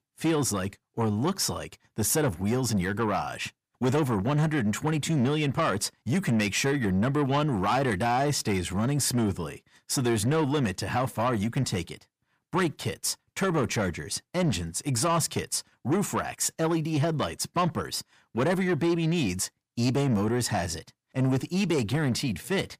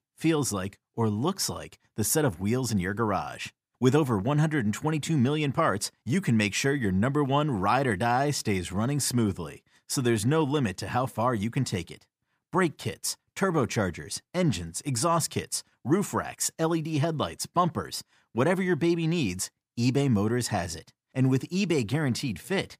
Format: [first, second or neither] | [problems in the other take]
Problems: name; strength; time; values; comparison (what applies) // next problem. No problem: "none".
second | distortion; slight; 10 dB below the speech